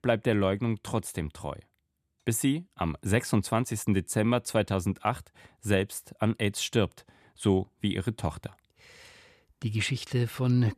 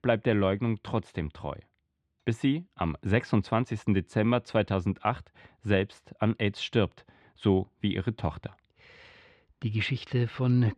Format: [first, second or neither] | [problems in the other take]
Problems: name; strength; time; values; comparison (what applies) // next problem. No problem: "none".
first | muffled; slightly; fading above 4 kHz